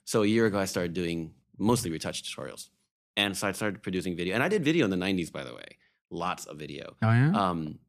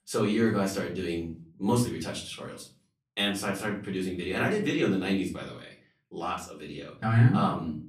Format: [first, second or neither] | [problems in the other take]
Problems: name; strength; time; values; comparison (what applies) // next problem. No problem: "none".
first | room echo; slight; dies away in 0.3 s // off-mic speech; far